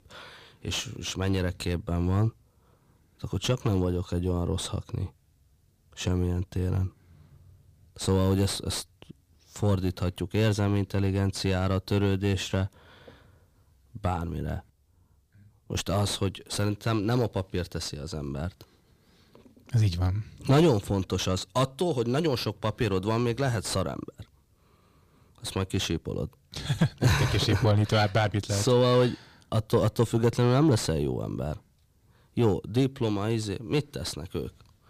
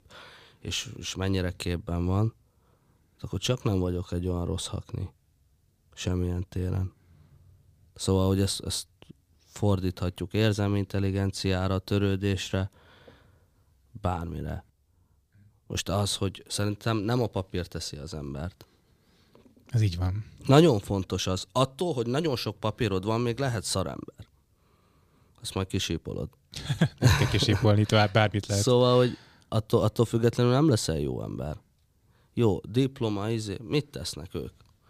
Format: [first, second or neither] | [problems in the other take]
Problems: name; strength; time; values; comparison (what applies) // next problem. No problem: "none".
second | distortion; slight; 10 dB below the speech